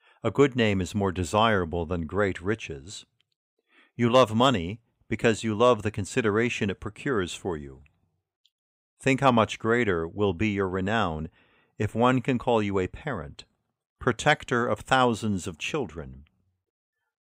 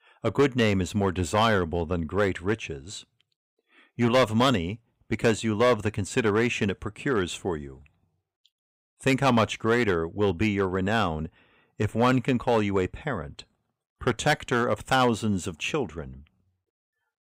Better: first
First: none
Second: distortion; slight; 2% of the sound clipped

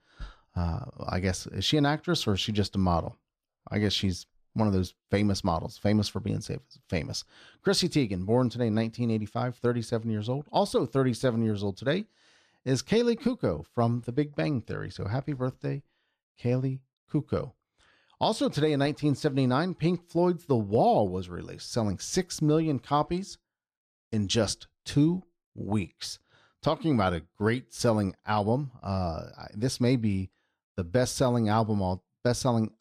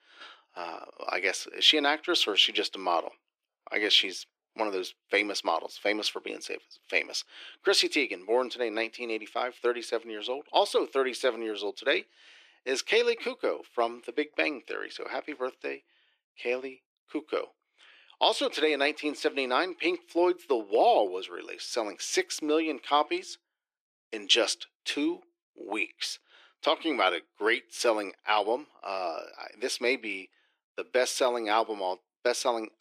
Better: first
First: none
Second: thin; very; fading below 350 Hz

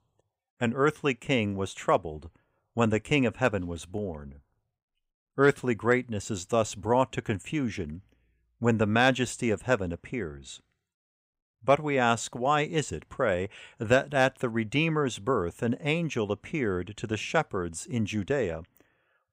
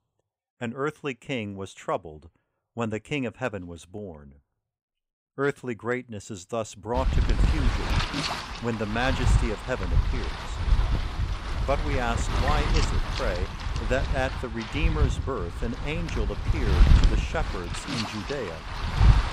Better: first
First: none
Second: wind noise on the microphone; heavy; from 7 s on; 2 dB below the speech

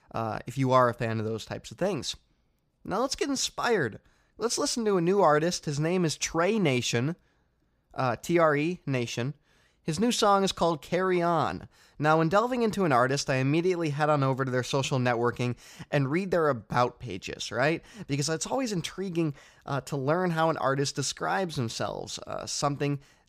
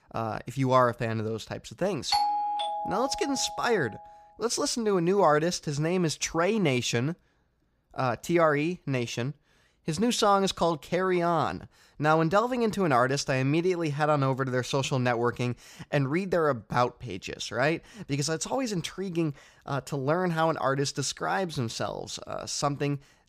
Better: first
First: none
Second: doorbell; loud; from 2 to 3.5 s; peak 2 dB above the speech

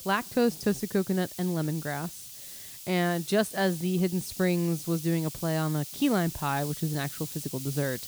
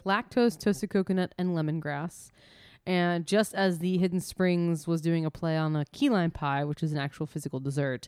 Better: second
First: hiss; noticeable; throughout; 10 dB below the speech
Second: none

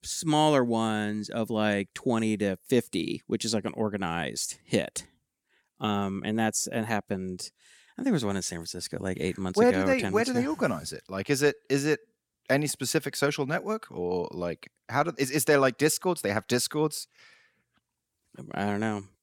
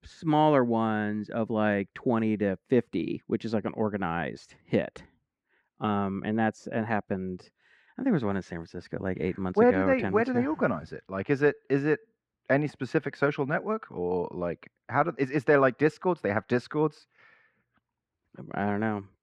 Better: first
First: none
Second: muffled; very; fading above 1.5 kHz

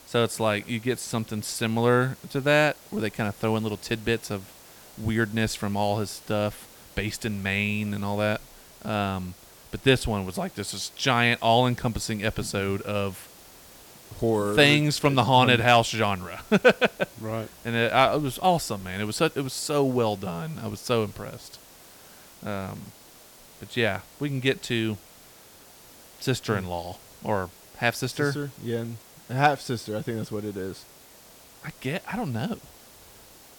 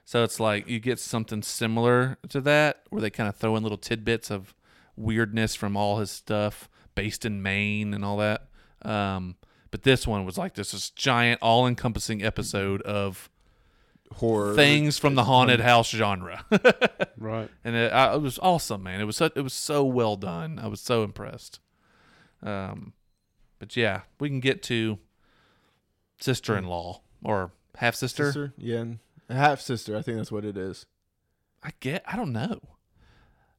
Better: second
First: hiss; faint; throughout; 20 dB below the speech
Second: none

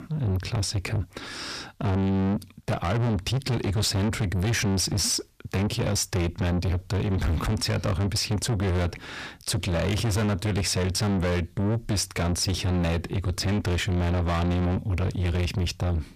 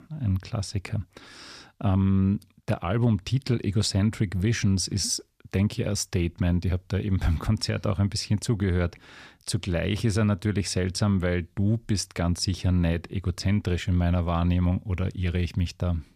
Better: second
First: distortion; heavy; 6 dB below the speech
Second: none

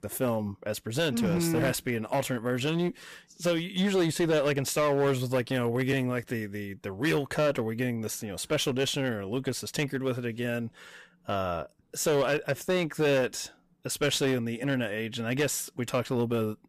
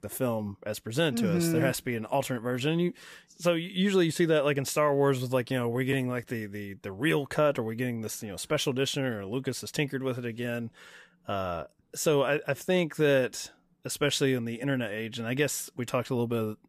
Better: second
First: distortion; slight; 9% of the sound clipped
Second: none

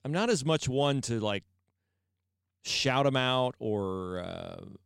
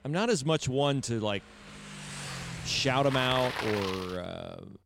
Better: first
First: none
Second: traffic noise; loud; throughout; 8 dB below the speech

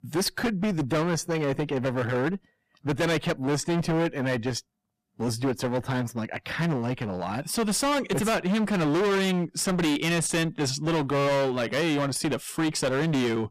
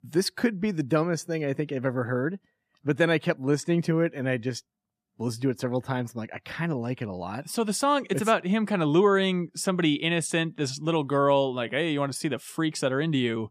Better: second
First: distortion; heavy; 24% of the sound clipped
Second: none

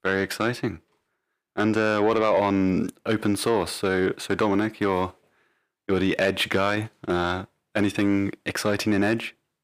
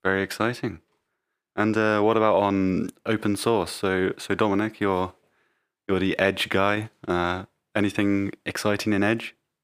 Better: second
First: distortion; slight; 10 dB below the speech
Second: none

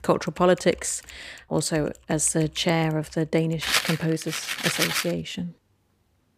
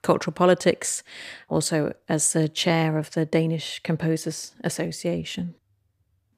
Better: second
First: household noises; loud; throughout; 1 dB below the speech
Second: none

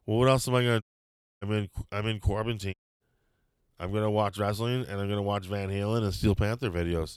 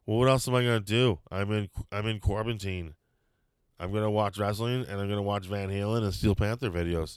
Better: second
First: audio cutting out; at 1 s for 0.5 s and at 2.5 s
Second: none

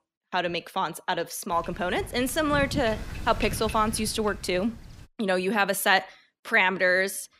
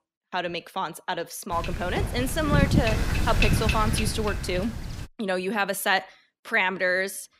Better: first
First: wind noise on the microphone; occasional gusts; from 1.5 to 5 s; 15 dB below the speech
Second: wind noise on the microphone; heavy; from 1.5 to 5 s; 5 dB below the speech

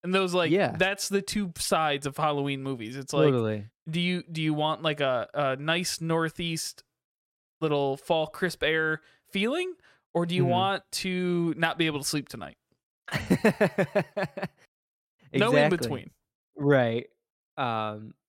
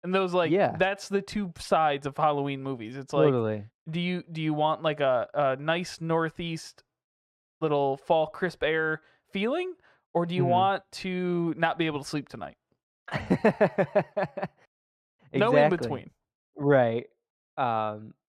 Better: first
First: none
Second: muffled; slightly; fading above 2.5 kHz

